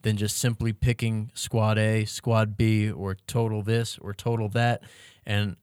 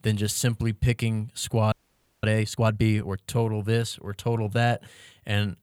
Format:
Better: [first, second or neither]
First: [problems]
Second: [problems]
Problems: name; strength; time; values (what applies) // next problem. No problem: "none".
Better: first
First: none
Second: audio freezing; at 1.5 s for 0.5 s